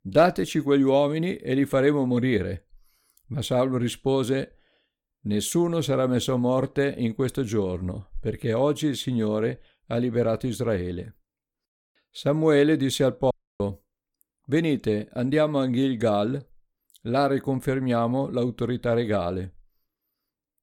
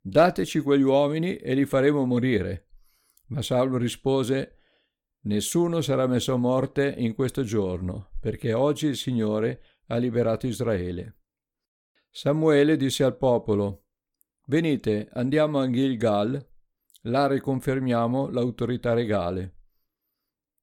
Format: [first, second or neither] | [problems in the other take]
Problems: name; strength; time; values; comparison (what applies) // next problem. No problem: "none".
second | audio cutting out; at 13 s